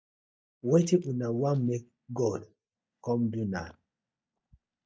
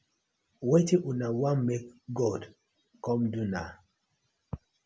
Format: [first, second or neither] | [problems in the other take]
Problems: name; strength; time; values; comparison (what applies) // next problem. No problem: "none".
second | noise reduction (neural mask model DeepFilterNet 3)